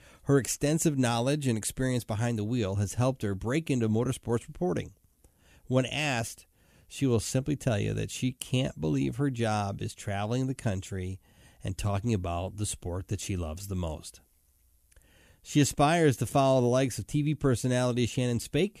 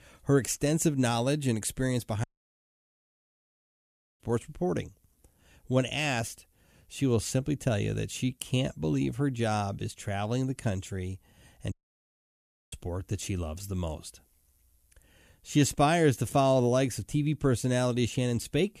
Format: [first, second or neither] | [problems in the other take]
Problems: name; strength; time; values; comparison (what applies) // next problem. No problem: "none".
first | audio cutting out; at 2 s for 2 s and at 12 s for 1 s